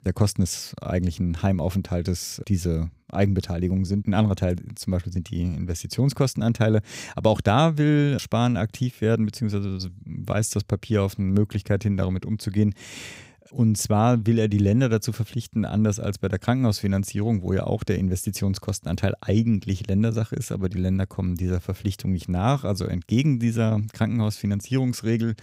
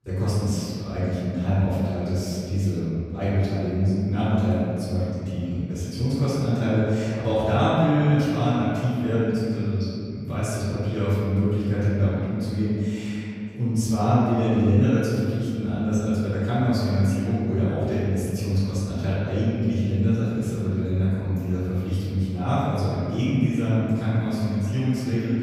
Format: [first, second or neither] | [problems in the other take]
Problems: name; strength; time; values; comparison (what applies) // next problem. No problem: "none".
first | off-mic speech; far // room echo; strong; dies away in 2.3 s